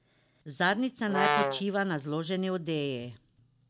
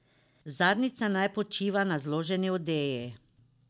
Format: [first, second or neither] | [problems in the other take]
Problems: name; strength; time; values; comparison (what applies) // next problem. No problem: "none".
second | background sound (Brass instrument); 3 dB above the speech